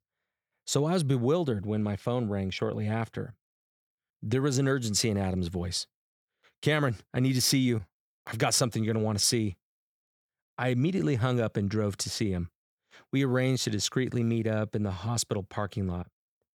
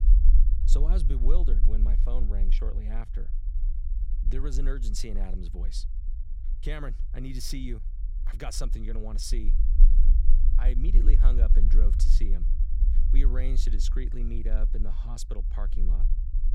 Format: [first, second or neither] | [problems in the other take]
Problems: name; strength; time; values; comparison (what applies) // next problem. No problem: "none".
first | low rumble; loud; throughout; 10 dB below the speech